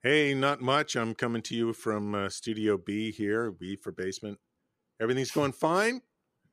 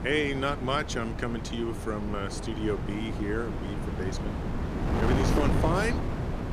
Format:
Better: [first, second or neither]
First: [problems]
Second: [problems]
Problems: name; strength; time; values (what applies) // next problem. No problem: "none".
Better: first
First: none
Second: wind noise on the microphone; heavy; 4 dB below the speech